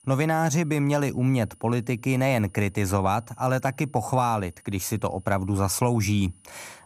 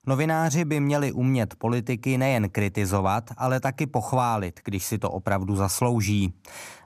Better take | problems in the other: second | high-pitched whine; faint; throughout; 9.5 kHz, 30 dB below the speech

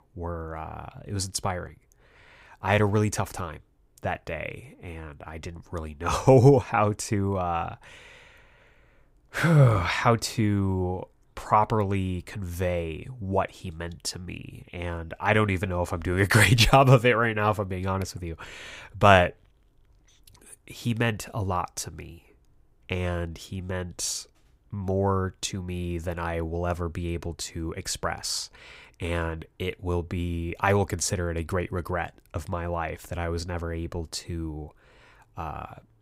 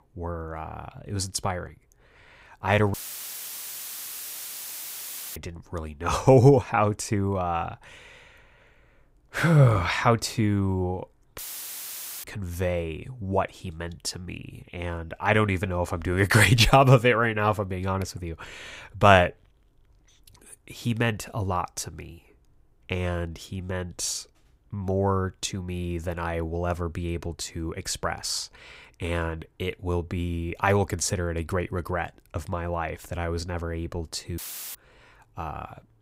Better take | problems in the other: first | audio cutting out; filled with static; at 3 s for 2.5 s, at 11 s for 1 s and at 34 s

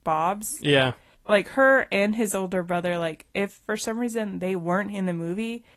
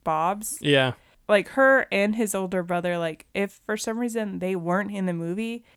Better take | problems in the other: second | garbled, watery; slightly; nothing above 12 kHz

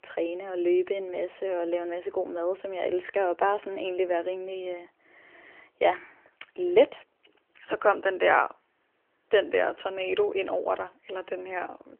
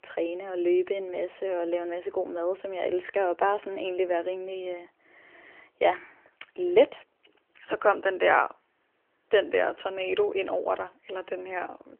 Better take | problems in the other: neither | phone-call audio; nothing above 3 kHz; the same in both

